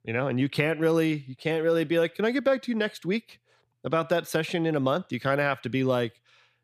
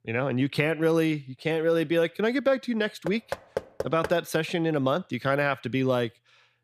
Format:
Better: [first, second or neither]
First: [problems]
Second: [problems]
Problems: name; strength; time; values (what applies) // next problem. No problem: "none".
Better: first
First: none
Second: door banging; noticeable; from 3 to 4 s; peak 8 dB below the speech